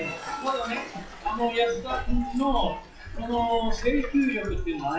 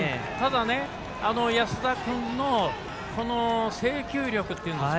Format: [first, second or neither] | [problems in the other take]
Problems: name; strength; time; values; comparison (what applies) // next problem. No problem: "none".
second | noise reduction (classical method WPE with log-MMSE)